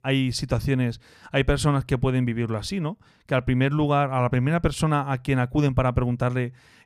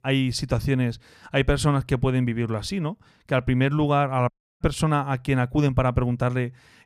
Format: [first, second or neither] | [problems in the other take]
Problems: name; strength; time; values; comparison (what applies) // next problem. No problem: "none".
first | audio cutting out; at 4.5 s